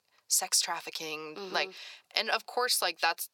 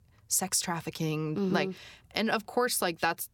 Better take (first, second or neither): second